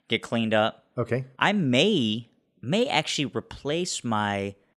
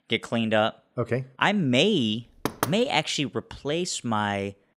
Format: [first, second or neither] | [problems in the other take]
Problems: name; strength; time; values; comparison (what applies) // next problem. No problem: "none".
first | door banging; noticeable; at 2.5 s; peak 4 dB below the speech